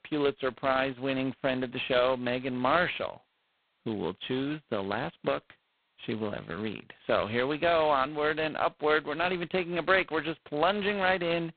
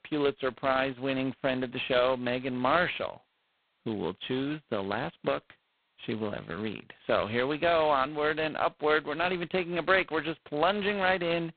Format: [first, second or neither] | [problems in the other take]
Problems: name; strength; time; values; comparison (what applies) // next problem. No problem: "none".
neither | phone-call audio; poor line; nothing above 4 kHz; the same in both